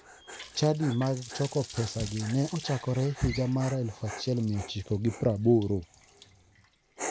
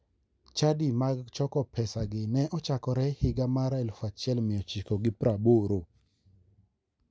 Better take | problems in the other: second | background sound (Dog + Water tap, faucet); 14 dB below the speech

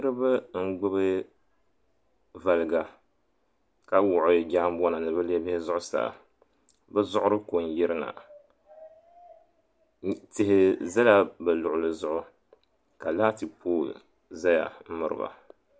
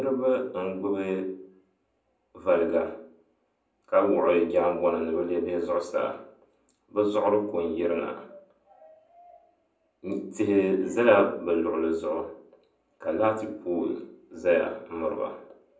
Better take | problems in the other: first | room echo; dies away in 0.6 s

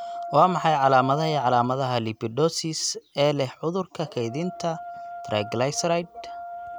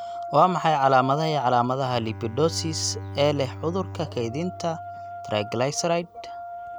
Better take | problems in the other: first | background sound (Bowed string instrument); 15 dB below the speech

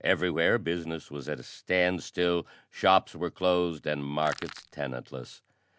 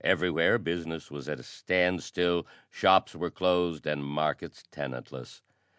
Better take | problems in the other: second | background sound (Crushing); 15 dB below the speech

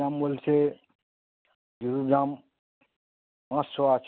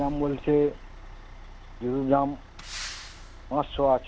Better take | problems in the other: first | background sound (Truck); 13 dB below the speech

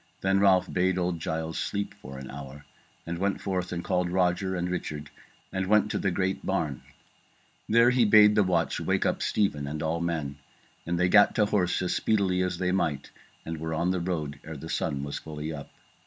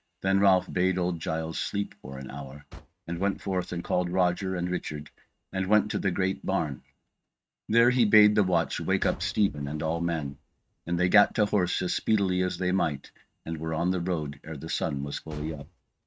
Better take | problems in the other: first | noise reduction (neural mask model RNNoise)

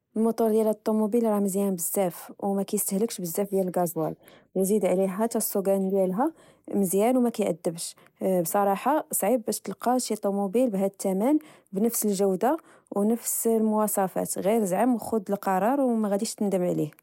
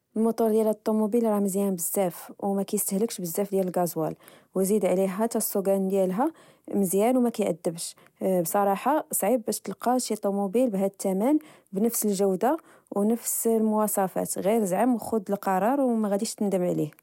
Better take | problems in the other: second | noise reduction (neural mask model Resemble Enhance denoiser)

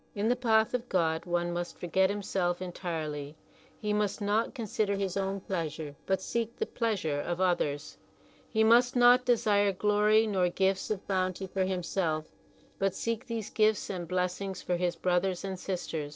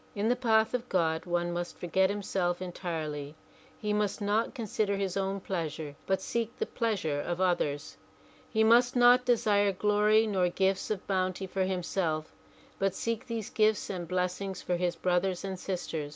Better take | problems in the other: second | noise reduction (neural separator model SepFormer DNS4)

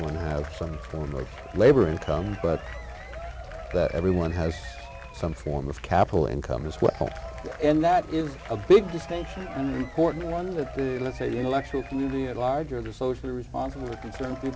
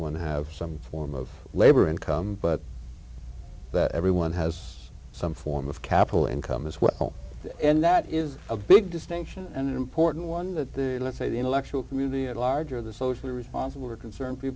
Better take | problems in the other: second | background sound (Applause / Crowd / Cheering); 16 dB below the speech

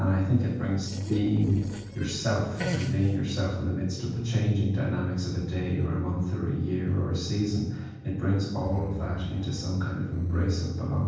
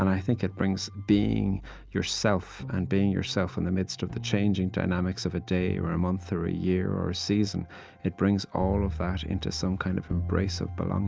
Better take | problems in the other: second | noise reduction (neural separator model SepFormer DNS4)

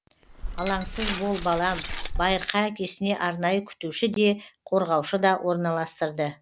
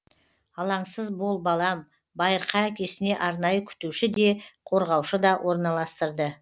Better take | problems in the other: second | background sound (Glass); 6 dB below the speech

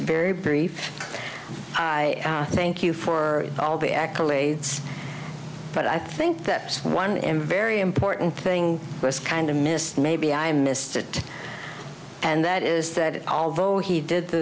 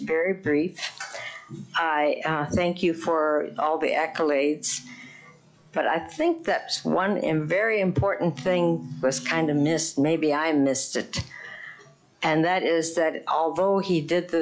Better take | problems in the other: first | noise reduction (classical method log-MMSE)

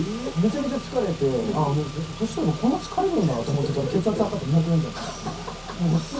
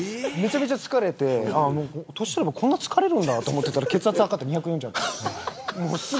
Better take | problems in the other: second | background sound (Engine / Car); 12 dB below the speech // room echo; dies away in 0.3 s

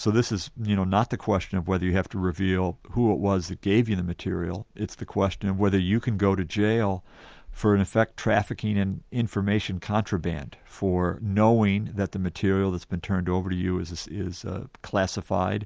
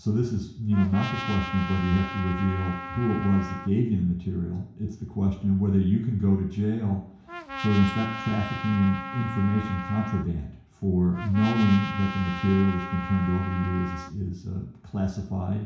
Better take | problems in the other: first | background sound (Trumpet); 10 dB below the speech // room echo; dies away in 0.6 s

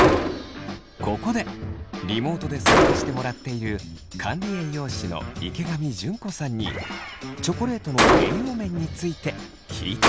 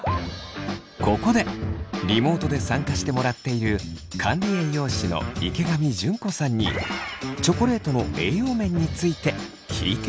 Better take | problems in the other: second | background sound (Gunshot, gunfire); 2 dB above the speech

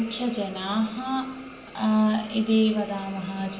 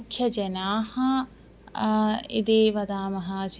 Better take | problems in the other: second | background sound (Hiss); 17 dB below the speech // room echo; dies away in 0.9 s

